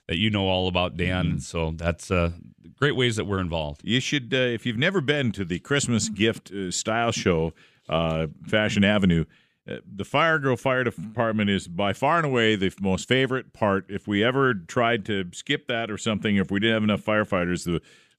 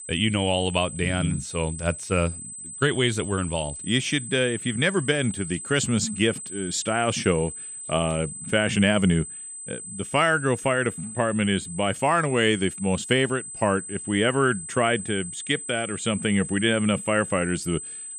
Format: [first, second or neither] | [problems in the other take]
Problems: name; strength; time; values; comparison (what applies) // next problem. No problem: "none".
first | high-pitched whine; loud; throughout; 8 kHz, 10 dB below the speech